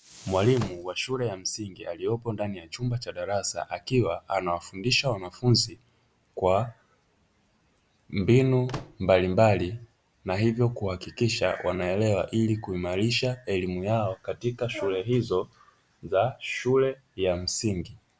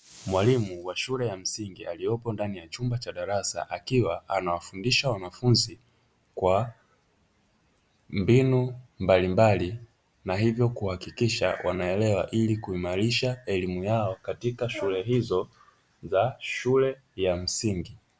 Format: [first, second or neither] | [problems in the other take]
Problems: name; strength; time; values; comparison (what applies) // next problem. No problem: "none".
second | background sound (Slam / Microwave oven); 13 dB below the speech